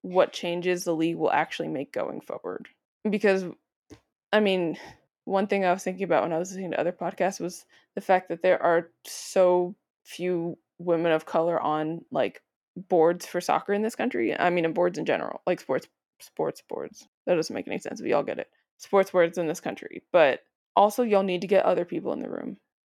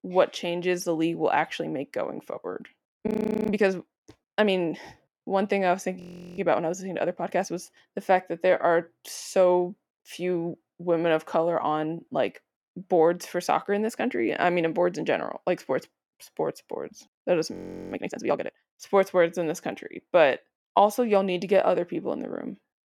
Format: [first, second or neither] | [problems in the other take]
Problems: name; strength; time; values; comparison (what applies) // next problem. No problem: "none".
first | audio freezing; at 3 s, at 6 s and at 18 s